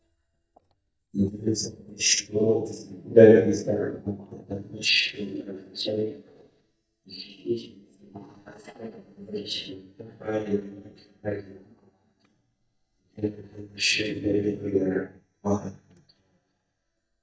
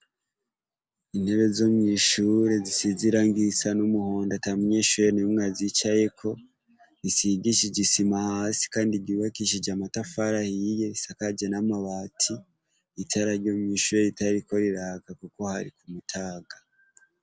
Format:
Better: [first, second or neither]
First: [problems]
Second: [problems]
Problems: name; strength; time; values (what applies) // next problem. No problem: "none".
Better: second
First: noise reduction (neural mask model DeepFilterNet 3)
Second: none